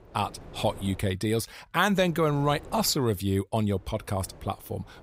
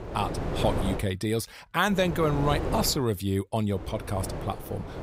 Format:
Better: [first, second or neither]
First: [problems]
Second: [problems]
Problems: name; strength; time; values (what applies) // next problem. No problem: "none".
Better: first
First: wind noise on the microphone; occasional gusts; until 1 s, from 2 to 3 s and from 3.5 s on; 20 dB below the speech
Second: wind noise on the microphone; heavy; until 1 s, from 2 to 3 s and from 3.5 s on; 7 dB below the speech